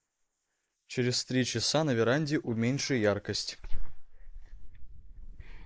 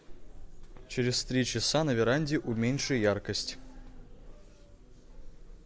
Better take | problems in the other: second | noise reduction (neural mask model Resemble Enhance denoiser)

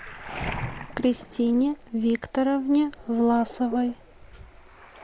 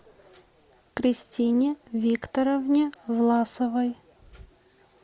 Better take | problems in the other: second | background sound (Waves, surf); 13 dB below the speech

